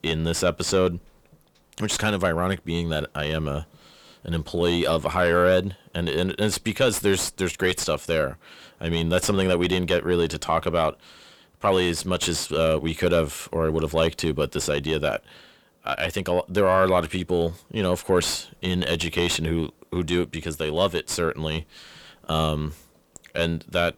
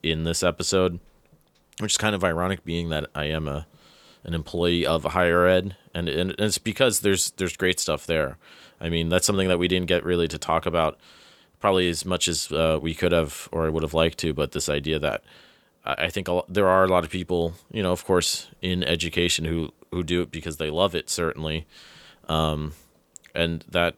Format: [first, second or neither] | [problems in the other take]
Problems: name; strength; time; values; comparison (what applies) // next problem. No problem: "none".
second | distortion; slight; 10 dB below the speech